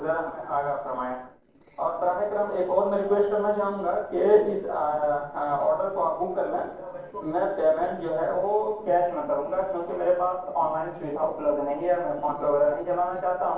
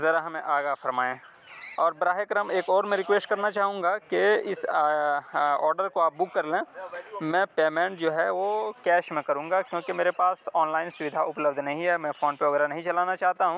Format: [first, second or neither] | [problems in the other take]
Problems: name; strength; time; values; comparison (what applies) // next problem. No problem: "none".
second | noise reduction (neural separator model SepFormer DNS4)